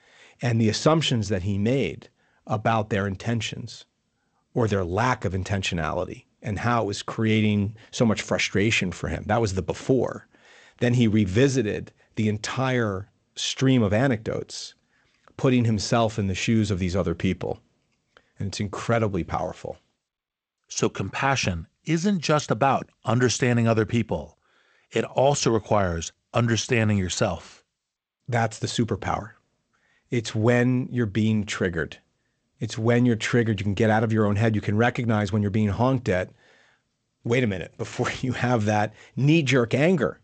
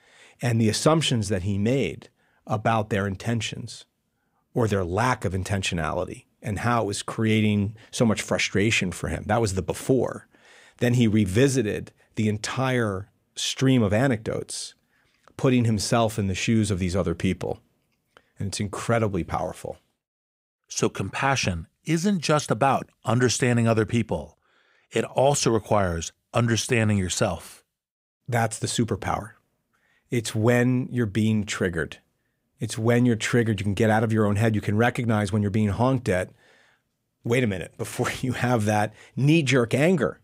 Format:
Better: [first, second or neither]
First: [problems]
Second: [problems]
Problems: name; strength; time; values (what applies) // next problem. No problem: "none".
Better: second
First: garbled, watery; slightly; nothing above 8 kHz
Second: none